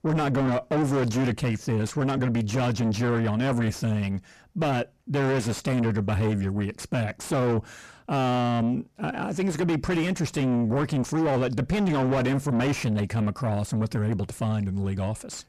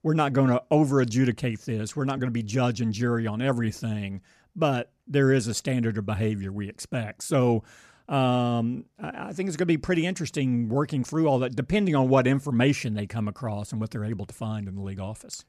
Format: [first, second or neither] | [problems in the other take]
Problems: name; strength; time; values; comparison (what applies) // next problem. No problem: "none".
second | distortion; heavy; 6 dB below the speech